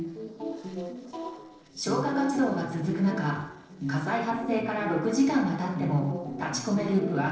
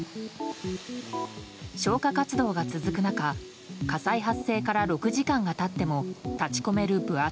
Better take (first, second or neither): second